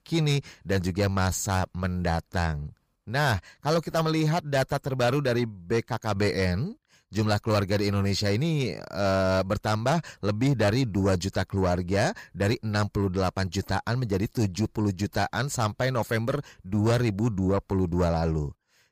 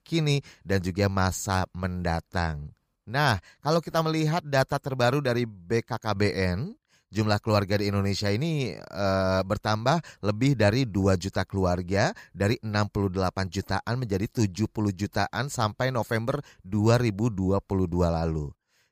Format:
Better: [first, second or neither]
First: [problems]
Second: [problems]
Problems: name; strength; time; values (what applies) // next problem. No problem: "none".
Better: second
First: distortion; slight; 10 dB below the speech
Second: none